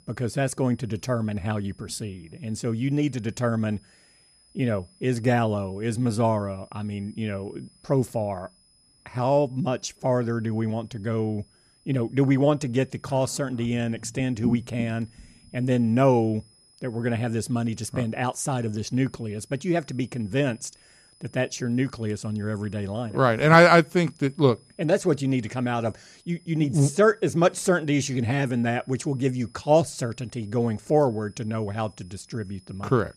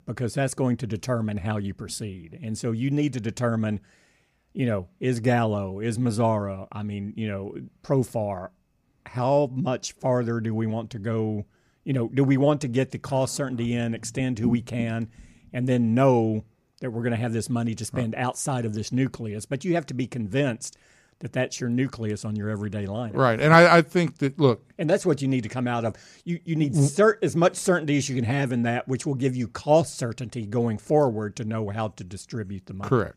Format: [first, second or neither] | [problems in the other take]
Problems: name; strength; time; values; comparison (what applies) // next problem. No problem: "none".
second | high-pitched whine; faint; throughout; 5 kHz, 30 dB below the speech